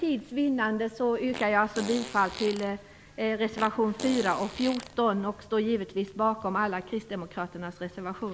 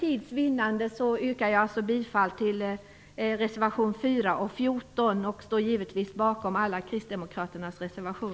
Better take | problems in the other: second | background sound (Fart); 13 dB below the speech

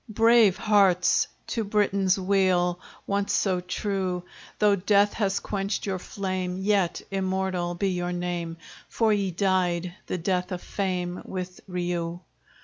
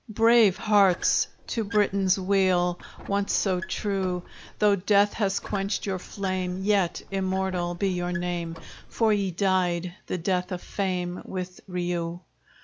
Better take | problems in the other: first | background sound (Squeak); 17 dB below the speech

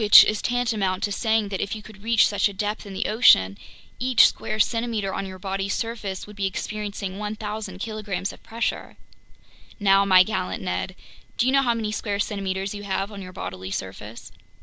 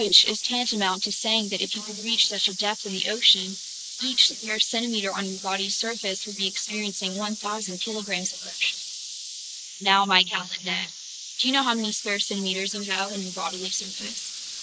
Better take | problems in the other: first | noise reduction (neural mask model Resemble Enhance denoiser)

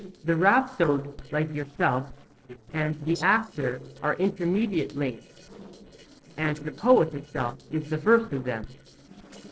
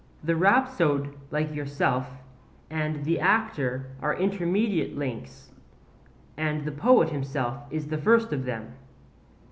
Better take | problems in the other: second | noise reduction (neural separator model SepFormer DNS4)

